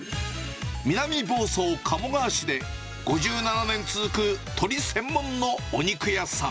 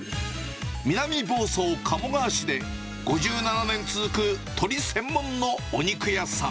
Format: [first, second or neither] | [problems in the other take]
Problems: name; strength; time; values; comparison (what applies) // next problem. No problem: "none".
first | background sound (Bowed string instrument); 15 dB below the speech